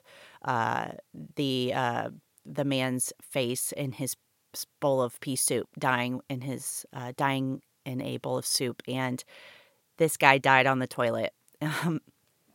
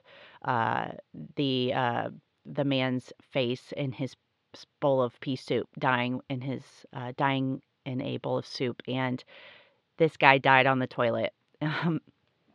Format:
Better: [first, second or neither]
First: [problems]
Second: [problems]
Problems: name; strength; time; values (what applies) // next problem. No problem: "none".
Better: first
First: none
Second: muffled; slightly; fading above 3.5 kHz